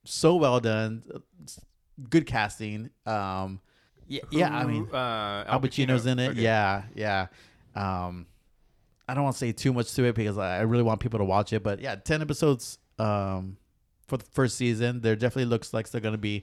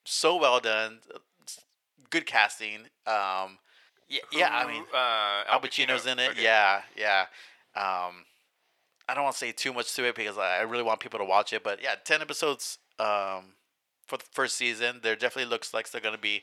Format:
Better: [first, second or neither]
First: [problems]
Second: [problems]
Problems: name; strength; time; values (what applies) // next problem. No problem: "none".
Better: first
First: none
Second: thin; very; fading below 700 Hz